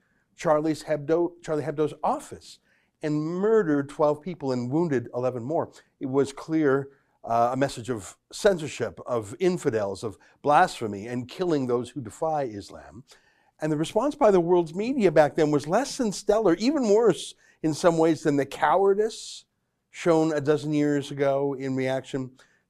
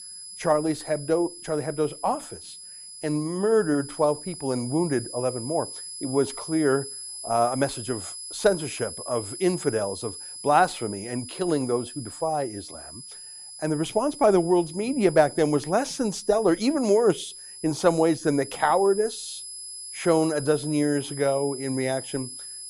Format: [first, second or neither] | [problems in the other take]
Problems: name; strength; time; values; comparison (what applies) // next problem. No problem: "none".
first | high-pitched whine; noticeable; throughout; 10.5 kHz, 10 dB below the speech